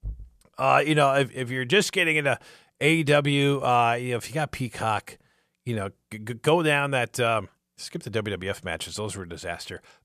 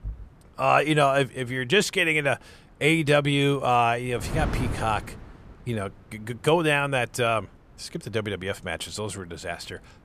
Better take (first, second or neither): first